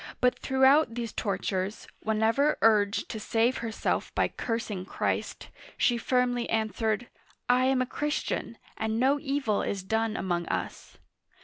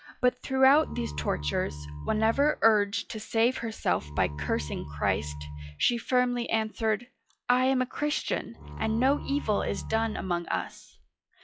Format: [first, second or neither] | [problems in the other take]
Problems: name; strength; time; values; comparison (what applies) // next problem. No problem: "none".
first | noise reduction (classical method log-MMSE)